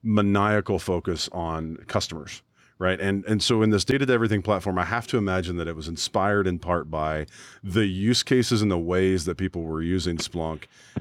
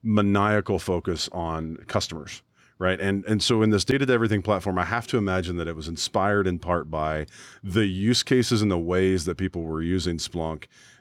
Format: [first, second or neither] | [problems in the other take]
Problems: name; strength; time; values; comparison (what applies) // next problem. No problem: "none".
second | phone ringing; faint; at 10 s; peak 15 dB below the speech